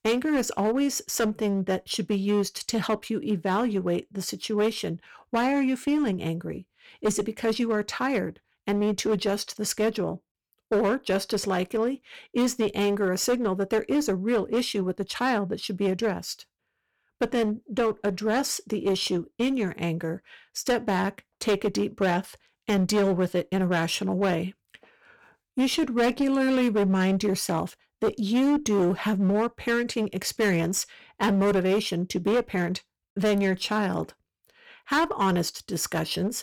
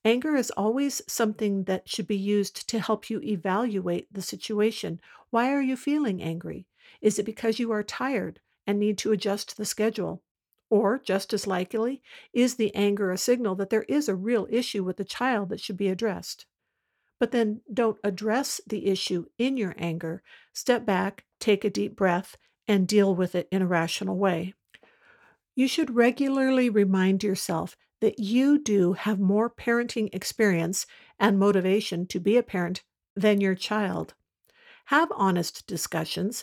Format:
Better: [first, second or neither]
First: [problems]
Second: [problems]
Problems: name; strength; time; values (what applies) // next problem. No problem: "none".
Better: second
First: distortion; slight; 10% of the sound clipped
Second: none